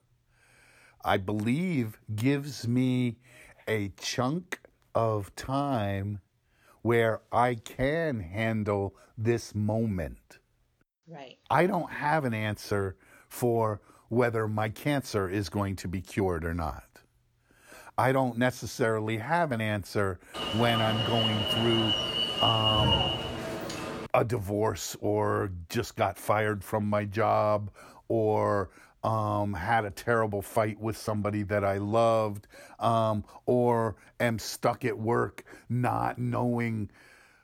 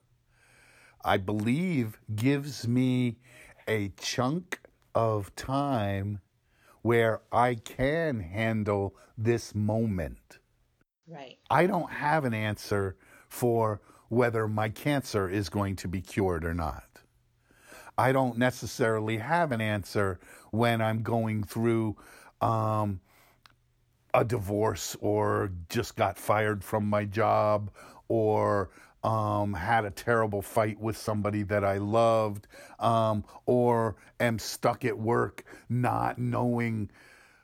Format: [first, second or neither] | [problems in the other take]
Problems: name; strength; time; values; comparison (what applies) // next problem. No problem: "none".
second | alarm; loud; from 20 to 24 s; peak 5 dB above the speech